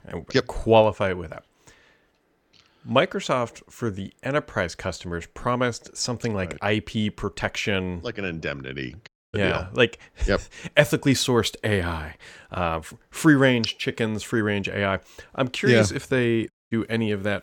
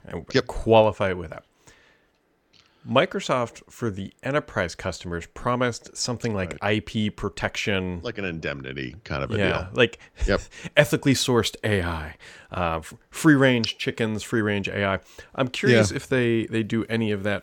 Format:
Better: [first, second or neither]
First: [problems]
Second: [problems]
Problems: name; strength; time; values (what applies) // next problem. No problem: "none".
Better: second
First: audio cutting out; at 9 s and at 17 s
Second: none